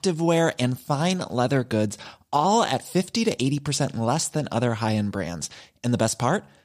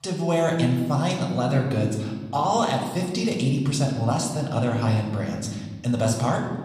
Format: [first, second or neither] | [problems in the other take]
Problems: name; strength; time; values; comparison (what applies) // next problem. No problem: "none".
first | room echo; slight; dies away in 1.5 s // off-mic speech; somewhat distant